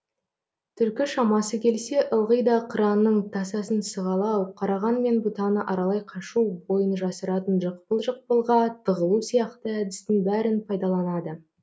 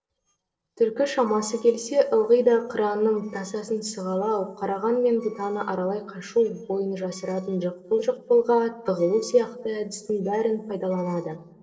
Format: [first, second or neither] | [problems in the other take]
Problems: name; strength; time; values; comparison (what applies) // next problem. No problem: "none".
first | noise reduction (neural separator model SepFormer DNS4)